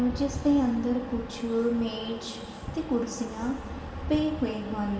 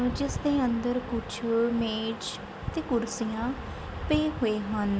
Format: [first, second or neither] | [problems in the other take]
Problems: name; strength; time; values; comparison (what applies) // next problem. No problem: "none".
second | room echo; dies away in 2.1 s